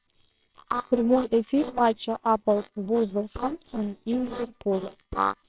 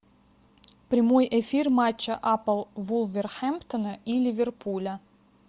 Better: second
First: noise reduction (neural separator model SepFormer WHAMR!)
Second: none

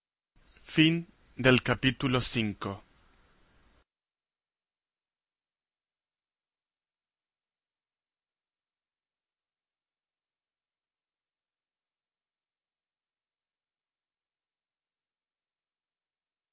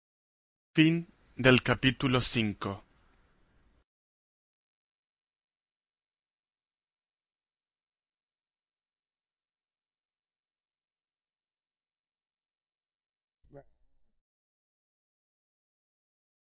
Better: first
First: none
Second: noise reduction (neural mask model DeepFilterNet 3)

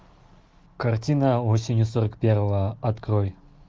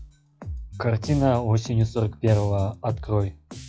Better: first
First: none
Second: noise reduction (classical method log-MMSE)

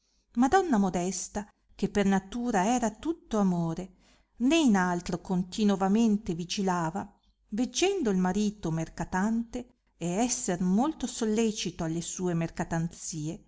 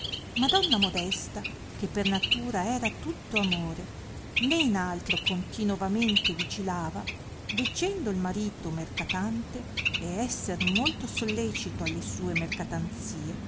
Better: first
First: none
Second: background sound (Bird); 1 dB below the speech

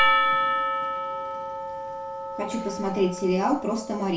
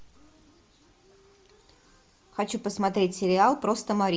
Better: second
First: background sound (Percussion); 1 dB above the speech // room echo; dies away in 0.3 s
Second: none

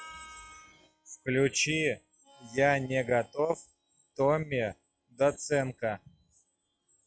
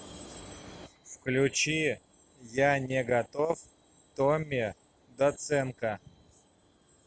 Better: second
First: noise reduction (classical method log-MMSE)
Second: none

